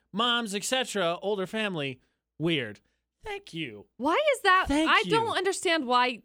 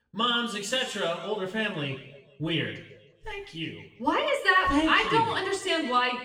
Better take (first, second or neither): first